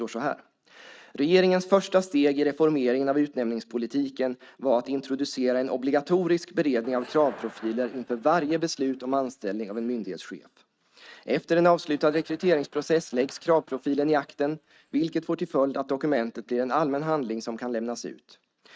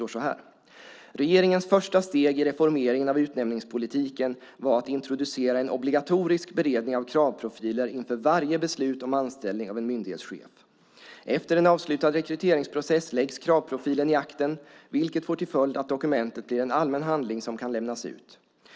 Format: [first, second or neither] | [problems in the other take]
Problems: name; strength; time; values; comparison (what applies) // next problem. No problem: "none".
second | noise reduction (neural mask model RNNoise)